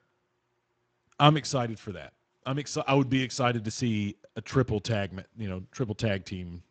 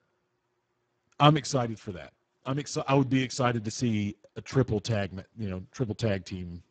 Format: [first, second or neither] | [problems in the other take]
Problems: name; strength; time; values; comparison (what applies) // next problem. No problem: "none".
first | garbled, watery; badly; nothing above 7.5 kHz; slightly in the first